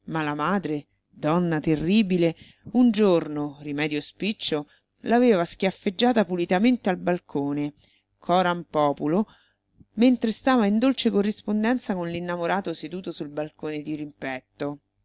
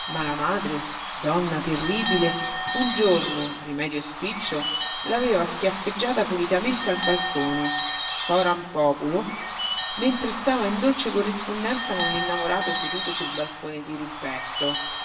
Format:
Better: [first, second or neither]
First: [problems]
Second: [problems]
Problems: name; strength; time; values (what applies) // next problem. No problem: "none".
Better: first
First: none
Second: background sound (Bird / Bell); 4 dB below the speech // room echo; dies away in 0.9 s